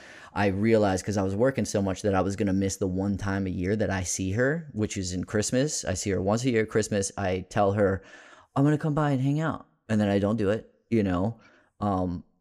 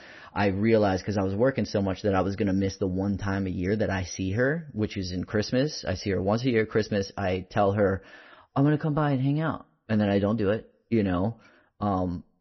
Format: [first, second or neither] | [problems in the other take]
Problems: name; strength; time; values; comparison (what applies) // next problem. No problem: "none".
first | garbled, watery; slightly; nothing above 6 kHz